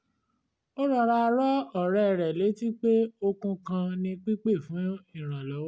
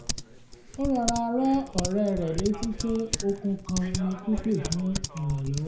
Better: first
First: none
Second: background sound (Typing); 6 dB below the speech // room echo; dies away in 0.5 s

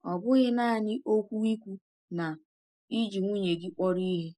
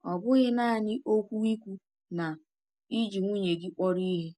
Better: second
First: noise reduction (neural mask model Resemble Enhance denoiser)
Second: none

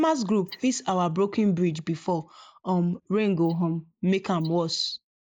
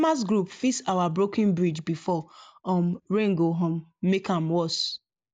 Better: second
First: noise reduction (neural mask model Resemble Enhance denoiser)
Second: none

